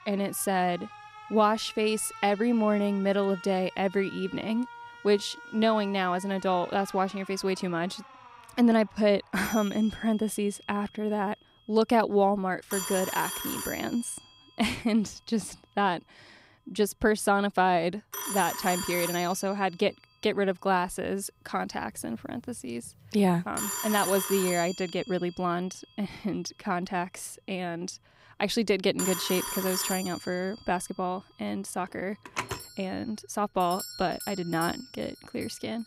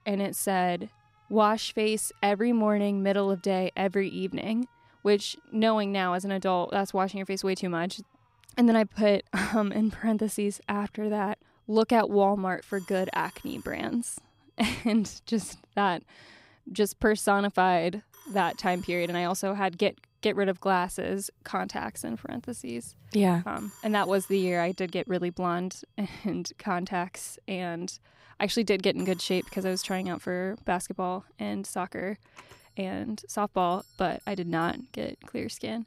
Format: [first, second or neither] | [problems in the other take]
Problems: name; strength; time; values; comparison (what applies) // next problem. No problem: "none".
second | alarms or sirens; loud; throughout; 8 dB below the speech; faint in the second